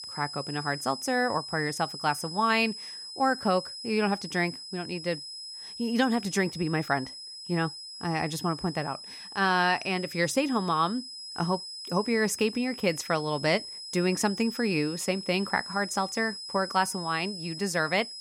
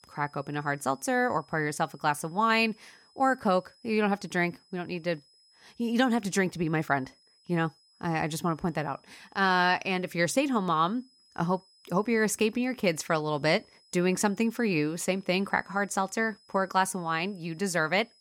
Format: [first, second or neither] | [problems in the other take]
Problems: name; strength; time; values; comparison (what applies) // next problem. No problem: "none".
second | high-pitched whine; loud; throughout; 5 kHz, 10 dB below the speech; faint in the second